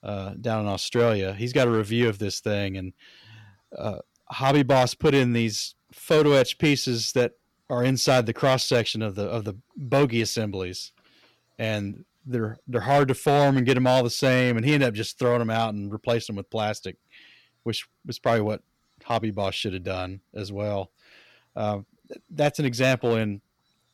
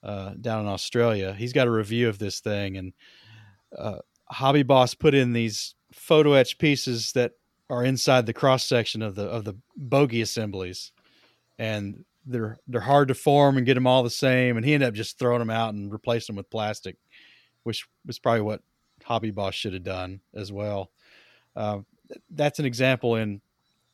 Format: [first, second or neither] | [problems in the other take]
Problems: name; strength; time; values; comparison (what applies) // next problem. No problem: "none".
second | distortion; slight; 3% of the sound clipped